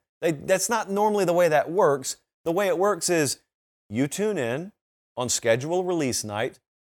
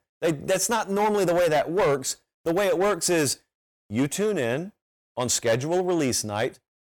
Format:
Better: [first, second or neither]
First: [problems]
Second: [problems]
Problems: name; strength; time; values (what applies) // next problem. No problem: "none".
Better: first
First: none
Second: distortion; slight; 9% of the sound clipped